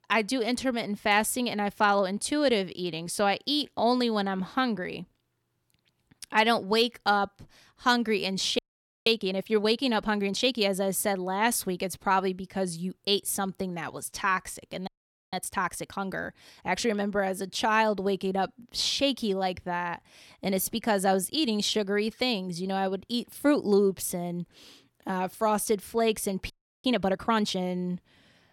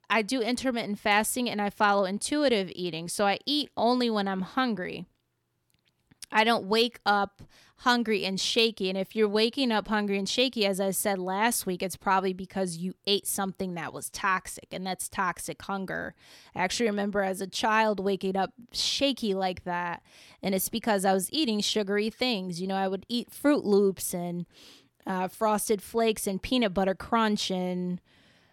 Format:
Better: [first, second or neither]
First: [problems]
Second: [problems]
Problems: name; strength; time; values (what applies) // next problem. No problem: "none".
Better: second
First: audio freezing; at 8.5 s, at 15 s and at 27 s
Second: none